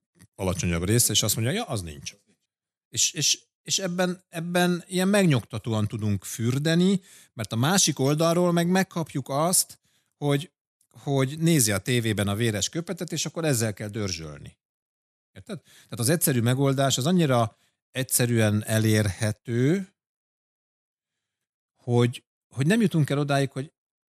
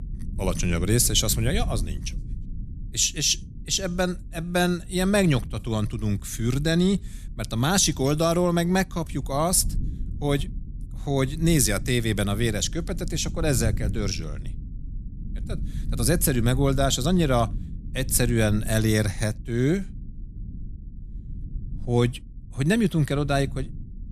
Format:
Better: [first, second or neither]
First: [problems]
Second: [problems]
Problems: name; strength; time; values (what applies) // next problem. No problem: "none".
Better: first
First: none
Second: low rumble; faint; throughout; 20 dB below the speech